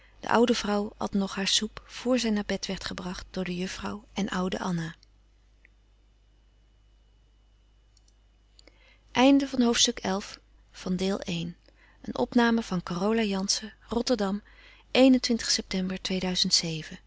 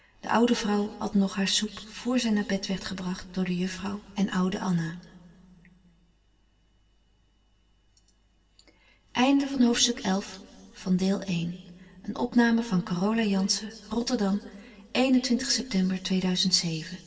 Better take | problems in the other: first | room echo; dies away in 2.2 s

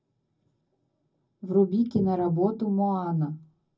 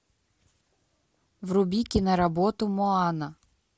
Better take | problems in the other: second | room echo; dies away in 0.4 s

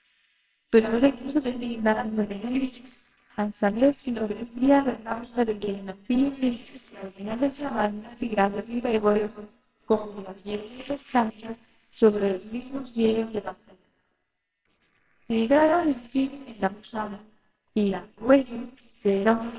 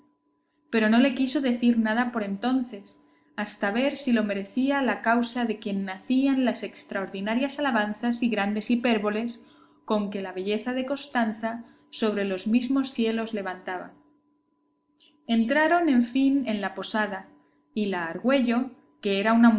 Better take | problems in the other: second | noise reduction (neural separator model SepFormer WHAMR!)

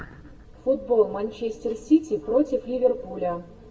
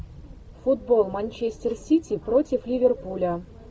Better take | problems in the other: second | room echo; dies away in 0.5 s

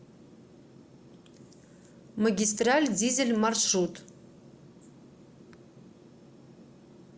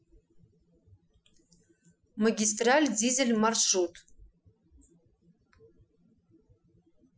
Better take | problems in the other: first | noise reduction (classical method Wiener filter)

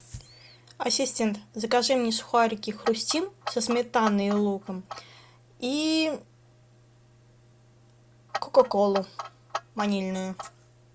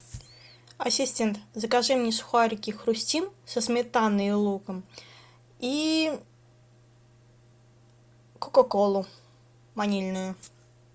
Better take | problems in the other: second | background sound (Clock); 11 dB below the speech

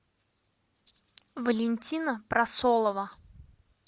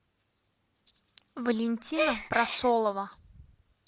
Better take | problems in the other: first | background sound (Gasp); 1 dB below the speech

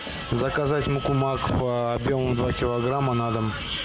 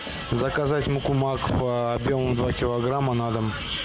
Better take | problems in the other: second | background sound (Wind instrument, woodwind instrument); 14 dB below the speech

